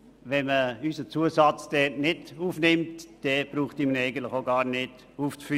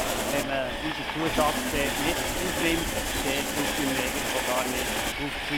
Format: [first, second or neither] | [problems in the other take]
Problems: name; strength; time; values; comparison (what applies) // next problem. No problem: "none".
first | background sound (Train + Engine starting); 3 dB above the speech